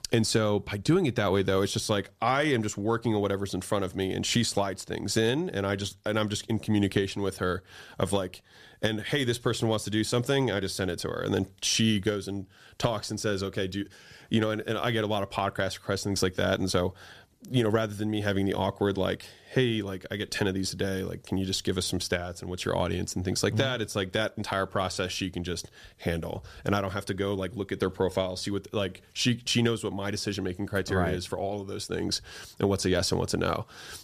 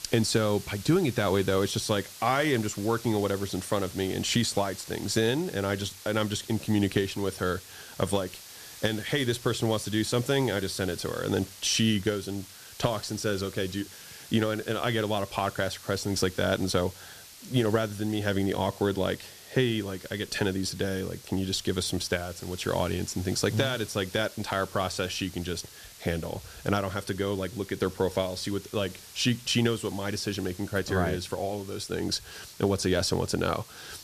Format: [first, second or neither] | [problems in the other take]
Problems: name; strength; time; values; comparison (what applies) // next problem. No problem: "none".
first | hiss; noticeable; throughout; 15 dB below the speech